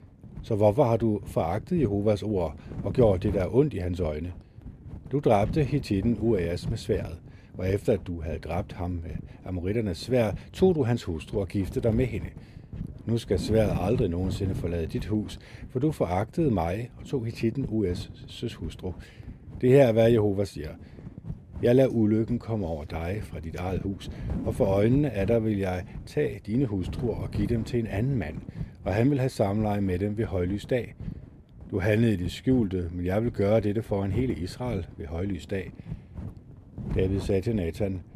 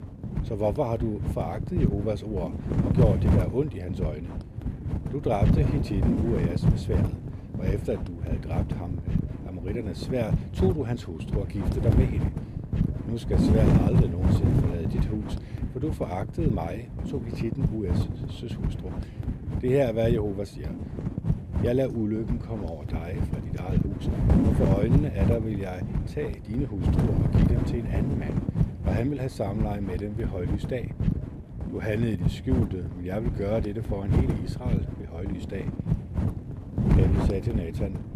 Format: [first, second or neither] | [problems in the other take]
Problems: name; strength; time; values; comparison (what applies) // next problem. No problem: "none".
first | wind noise on the microphone; heavy; 3 dB below the speech; occasional gusts in the first